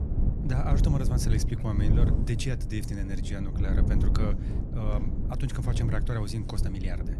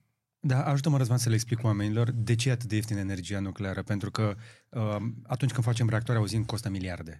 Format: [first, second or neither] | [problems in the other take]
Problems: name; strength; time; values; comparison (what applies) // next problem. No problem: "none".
second | low rumble; loud; throughout; 3 dB below the speech